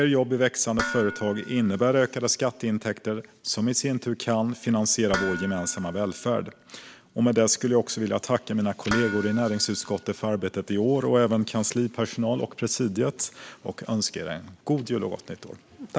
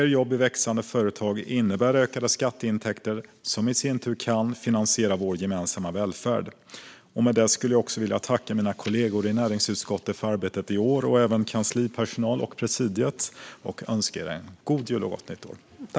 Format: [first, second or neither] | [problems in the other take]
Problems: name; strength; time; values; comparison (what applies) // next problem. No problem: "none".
second | background sound (Dishes, pots, and pans); 11 dB below the speech